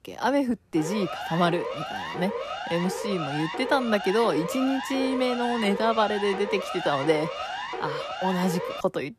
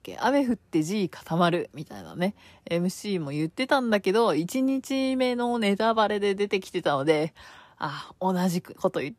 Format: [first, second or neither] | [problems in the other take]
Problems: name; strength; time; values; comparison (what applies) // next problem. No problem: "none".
second | siren; noticeable; from 1 s on; peak 5 dB below the speech